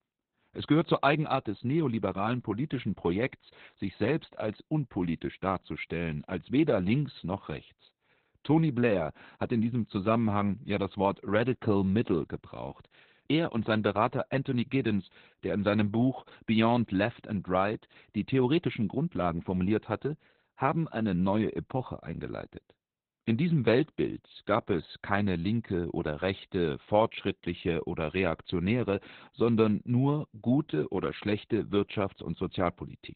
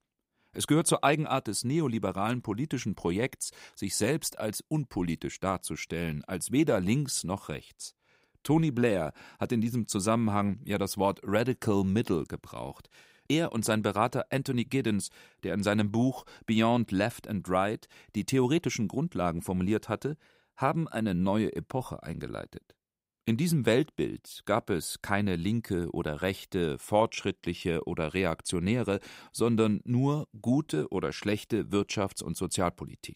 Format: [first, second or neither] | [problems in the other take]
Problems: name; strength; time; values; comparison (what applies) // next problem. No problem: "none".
second | garbled, watery; badly; nothing above 4 kHz